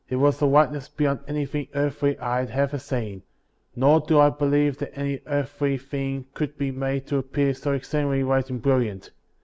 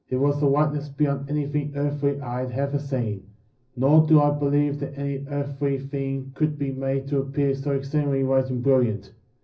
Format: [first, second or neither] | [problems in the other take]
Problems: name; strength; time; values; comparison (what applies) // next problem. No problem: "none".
first | room echo; dies away in 0.4 s